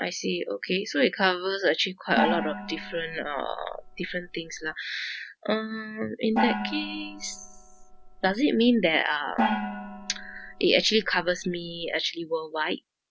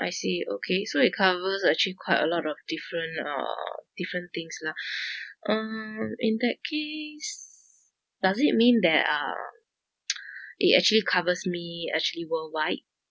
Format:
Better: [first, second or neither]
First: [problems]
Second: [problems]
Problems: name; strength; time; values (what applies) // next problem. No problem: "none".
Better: second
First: background sound (Gong); 5 dB below the speech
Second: none